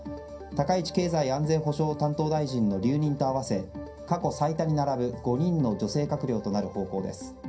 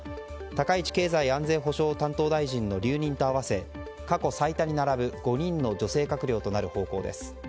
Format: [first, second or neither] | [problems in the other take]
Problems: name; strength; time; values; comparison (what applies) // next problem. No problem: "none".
second | room echo; dies away in 0.3 s